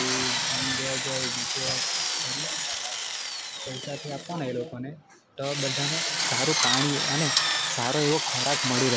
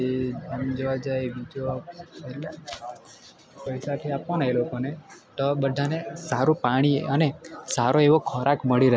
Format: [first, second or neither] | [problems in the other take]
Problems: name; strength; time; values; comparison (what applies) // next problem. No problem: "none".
second | background sound (Drill); 3 dB above the speech